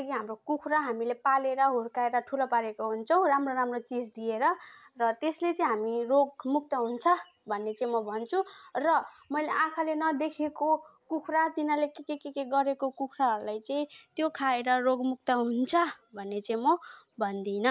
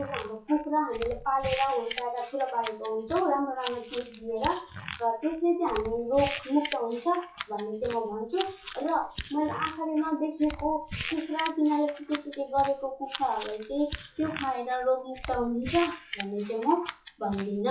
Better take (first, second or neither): first